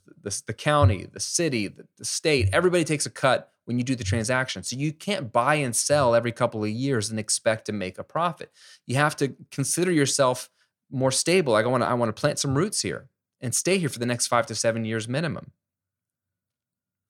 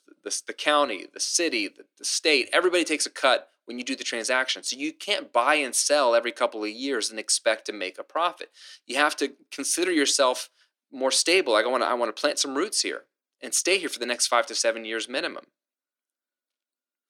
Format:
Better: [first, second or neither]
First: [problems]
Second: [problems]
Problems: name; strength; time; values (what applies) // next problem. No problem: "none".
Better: first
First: none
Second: thin; somewhat; fading below 300 Hz